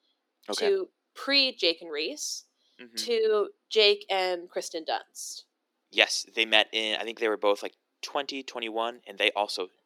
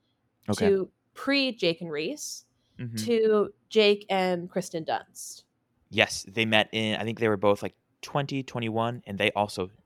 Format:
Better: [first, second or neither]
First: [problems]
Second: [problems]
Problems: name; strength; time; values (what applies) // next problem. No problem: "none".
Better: second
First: thin; somewhat; fading below 300 Hz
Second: none